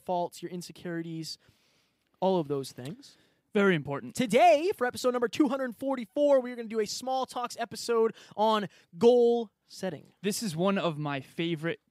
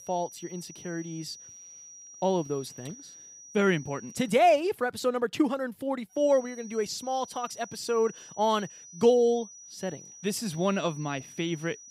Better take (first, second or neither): first